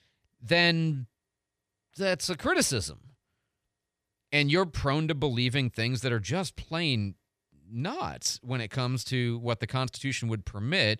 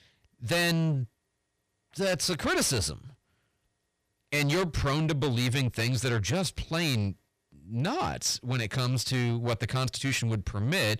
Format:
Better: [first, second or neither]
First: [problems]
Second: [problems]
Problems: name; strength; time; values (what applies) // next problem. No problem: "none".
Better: first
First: none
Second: distortion; heavy; 6 dB below the speech